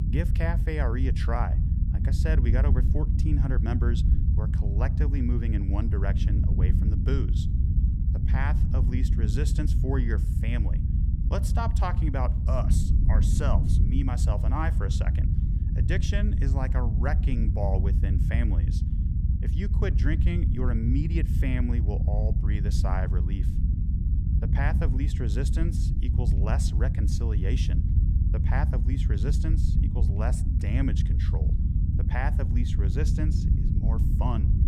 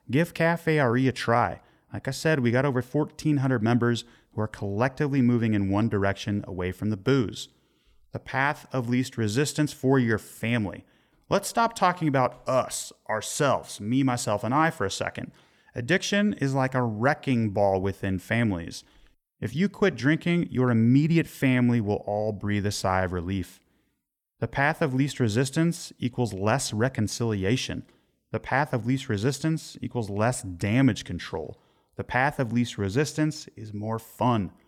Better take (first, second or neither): second